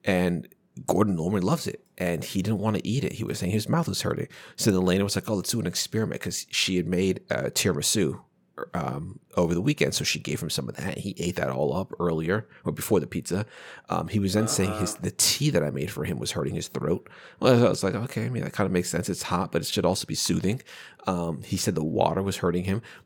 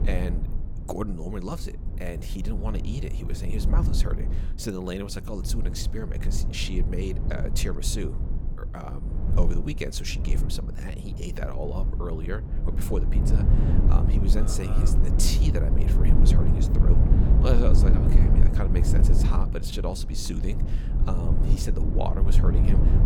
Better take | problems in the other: first | low rumble; loud; throughout; 3 dB below the speech

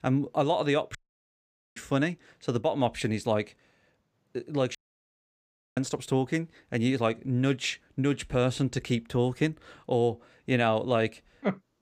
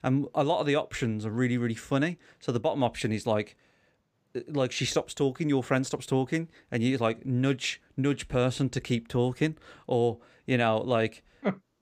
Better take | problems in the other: second | audio cutting out; at 1 s for 1 s and at 5 s for 1 s

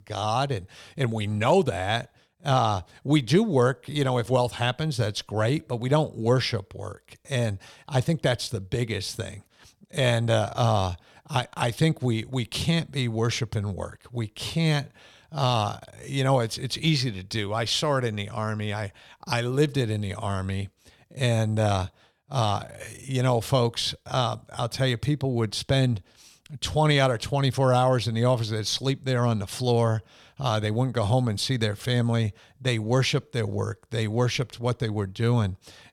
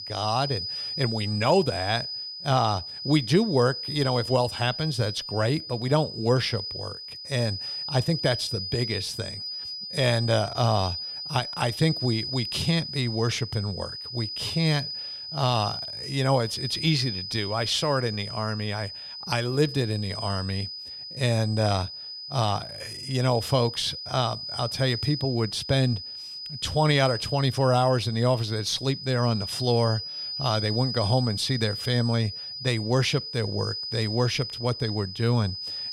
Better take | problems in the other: first | high-pitched whine; loud; throughout; 5 kHz, 6 dB below the speech

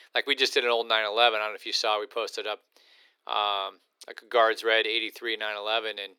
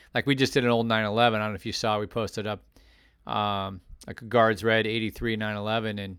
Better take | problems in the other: second | thin; very; fading below 350 Hz

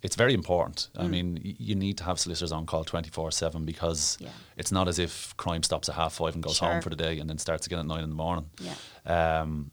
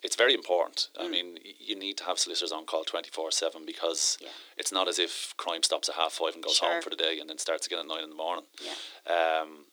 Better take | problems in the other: first | thin; very; fading below 300 Hz

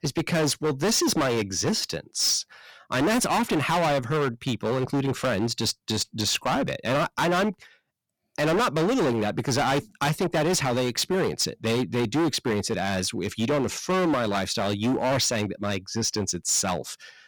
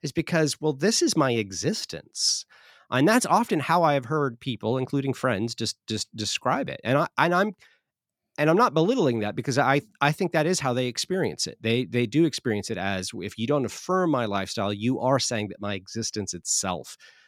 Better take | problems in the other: second | distortion; heavy; 20% of the sound clipped

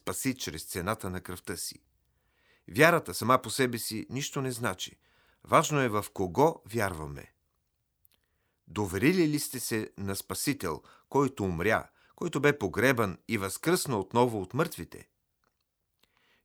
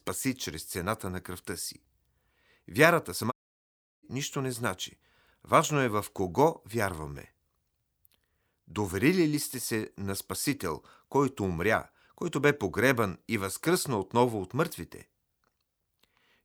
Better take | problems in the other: first | audio cutting out; at 3.5 s for 0.5 s

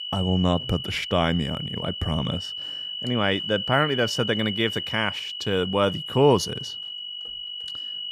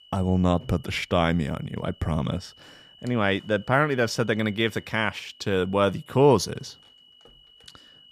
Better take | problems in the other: second | high-pitched whine; loud; throughout; 3 kHz, 6 dB below the speech; faint in the second

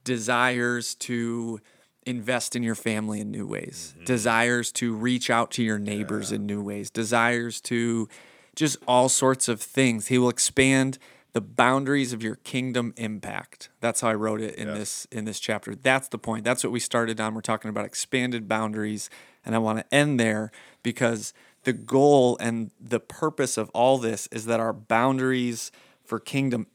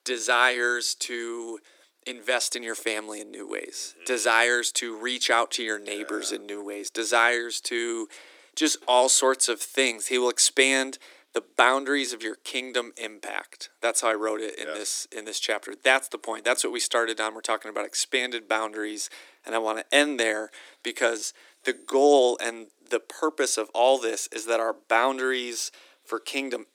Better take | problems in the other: first | thin; somewhat; fading below 300 Hz

